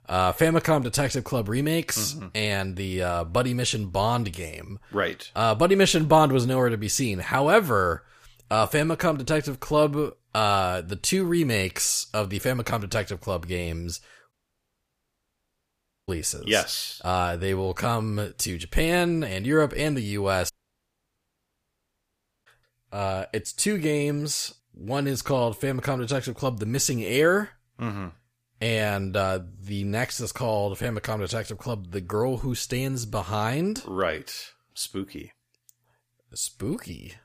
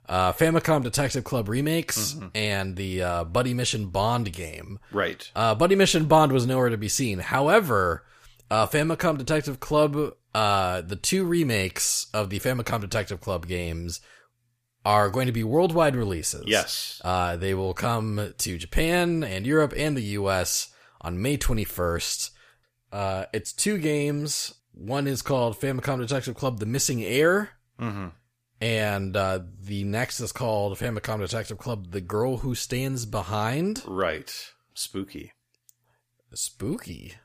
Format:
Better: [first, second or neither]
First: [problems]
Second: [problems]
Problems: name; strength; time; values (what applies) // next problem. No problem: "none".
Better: second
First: audio cutting out; at 14 s for 2 s and at 21 s for 2 s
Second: none